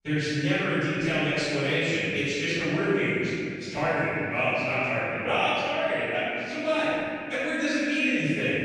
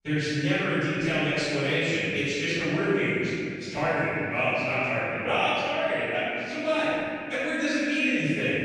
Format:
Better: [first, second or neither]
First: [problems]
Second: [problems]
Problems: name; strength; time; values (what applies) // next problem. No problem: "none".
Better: neither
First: room echo; strong; dies away in 2.8 s // off-mic speech; far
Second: room echo; strong; dies away in 2.8 s // off-mic speech; far